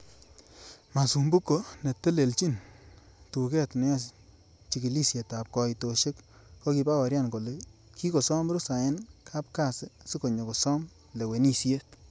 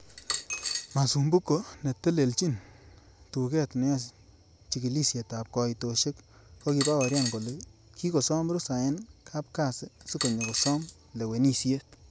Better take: first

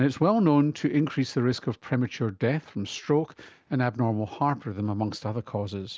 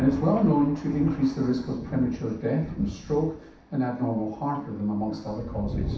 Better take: first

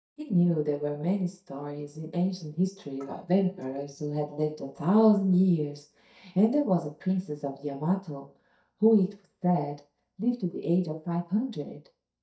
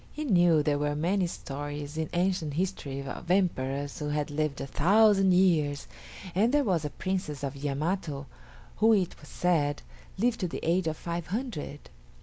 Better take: second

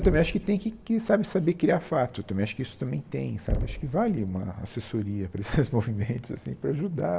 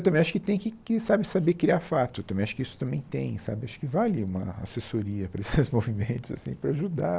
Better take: second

